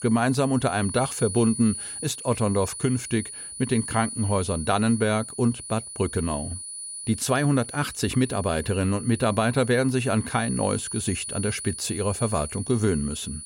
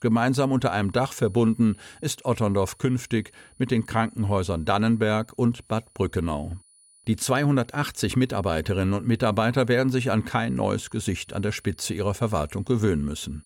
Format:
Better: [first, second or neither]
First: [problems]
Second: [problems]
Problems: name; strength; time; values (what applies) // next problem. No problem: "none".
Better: second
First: high-pitched whine; loud; throughout; 9.5 kHz, 9 dB below the speech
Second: high-pitched whine; faint; throughout; 9.5 kHz, 30 dB below the speech